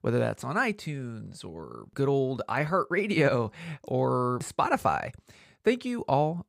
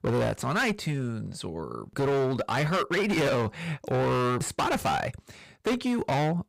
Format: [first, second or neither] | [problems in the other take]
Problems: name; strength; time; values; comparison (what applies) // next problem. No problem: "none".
first | distortion; heavy; 20% of the sound clipped